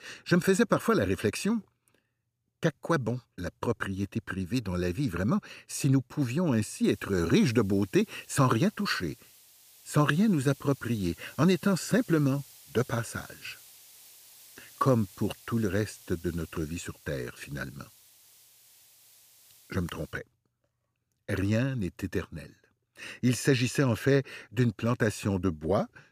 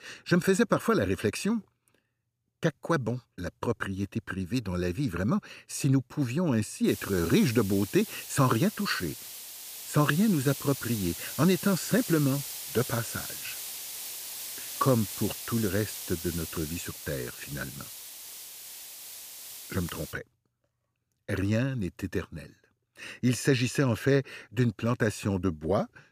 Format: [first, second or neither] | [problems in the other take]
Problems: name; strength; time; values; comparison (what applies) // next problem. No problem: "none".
first | hiss; loud; from 7 to 20 s; 9 dB below the speech; faint in the first